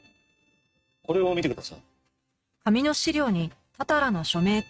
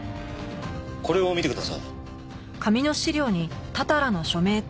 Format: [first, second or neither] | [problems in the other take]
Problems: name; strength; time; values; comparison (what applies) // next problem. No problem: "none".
second | noise reduction (neural mask model RNNoise)